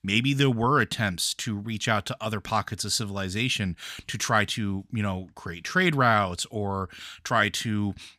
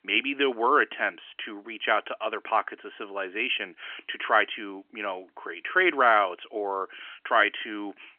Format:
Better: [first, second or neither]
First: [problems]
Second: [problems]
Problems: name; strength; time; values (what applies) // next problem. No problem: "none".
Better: first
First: none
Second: phone-call audio; nothing above 3 kHz